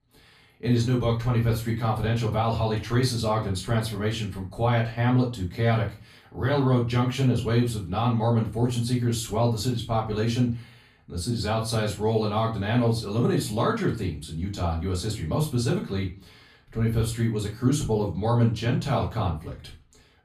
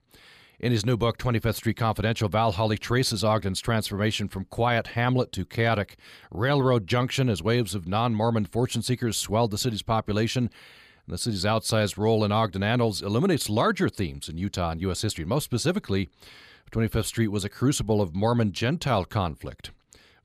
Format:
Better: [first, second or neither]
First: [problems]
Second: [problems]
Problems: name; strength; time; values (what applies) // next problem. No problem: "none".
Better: second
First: off-mic speech; far // room echo; slight; dies away in 0.3 s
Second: none